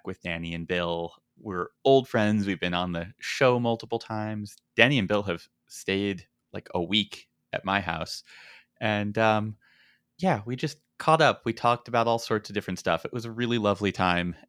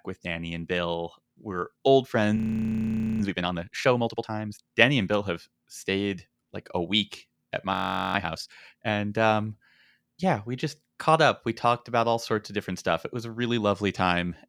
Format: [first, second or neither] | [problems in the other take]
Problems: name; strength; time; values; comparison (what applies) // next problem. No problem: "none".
first | audio freezing; at 2.5 s for 1 s and at 7.5 s